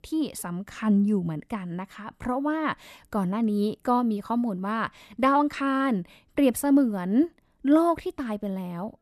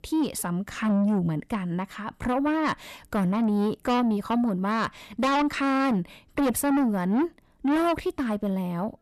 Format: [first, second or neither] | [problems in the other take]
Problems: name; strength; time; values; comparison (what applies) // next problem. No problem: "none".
first | distortion; heavy; 7 dB below the speech